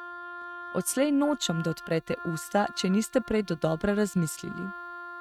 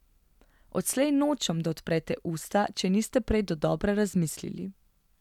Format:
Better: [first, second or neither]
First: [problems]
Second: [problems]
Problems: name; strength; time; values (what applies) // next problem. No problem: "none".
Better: second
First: noise reduction (neural mask model RNNoise)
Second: none